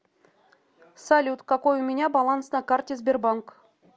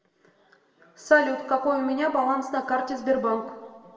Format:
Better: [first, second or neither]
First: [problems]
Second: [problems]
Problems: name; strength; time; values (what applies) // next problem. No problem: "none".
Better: first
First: none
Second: room echo; dies away in 1.4 s